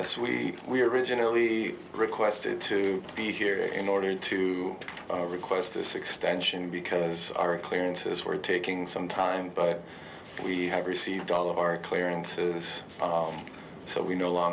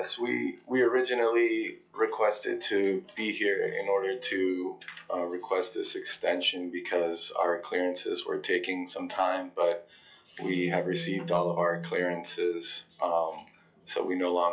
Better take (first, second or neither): first